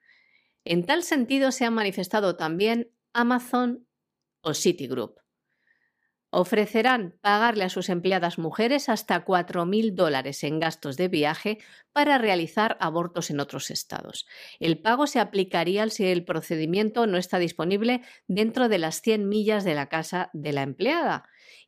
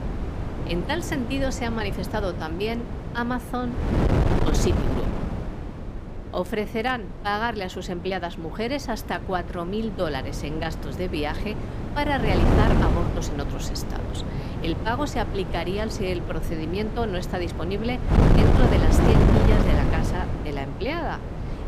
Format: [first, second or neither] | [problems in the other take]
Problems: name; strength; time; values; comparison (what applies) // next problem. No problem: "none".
first | wind noise on the microphone; heavy; 2 dB below the speech